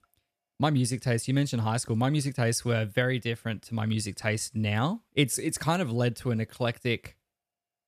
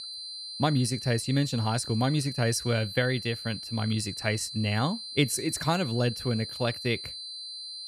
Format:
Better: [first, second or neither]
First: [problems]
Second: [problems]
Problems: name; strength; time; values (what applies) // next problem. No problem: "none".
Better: first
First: none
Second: high-pitched whine; loud; throughout; 4 kHz, 8 dB below the speech